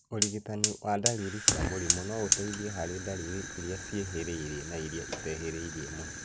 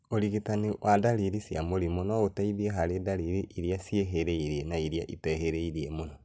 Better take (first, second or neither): second